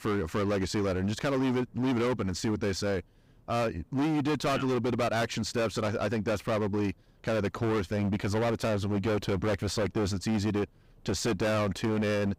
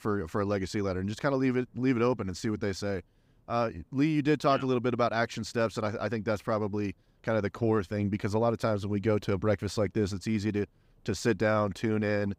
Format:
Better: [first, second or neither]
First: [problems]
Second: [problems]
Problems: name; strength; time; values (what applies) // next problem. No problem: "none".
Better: second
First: distortion; heavy; 23% of the sound clipped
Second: none